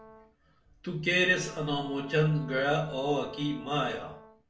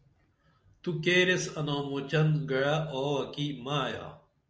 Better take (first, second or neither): second